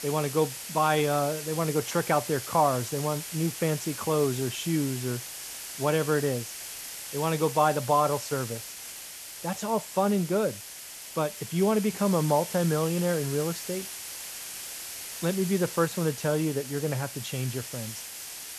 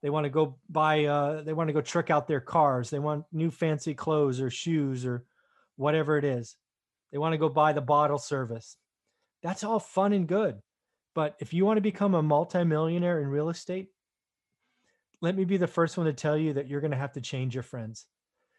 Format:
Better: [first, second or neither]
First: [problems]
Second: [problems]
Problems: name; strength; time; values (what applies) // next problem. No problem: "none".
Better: second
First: hiss; loud; throughout; 9 dB below the speech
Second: none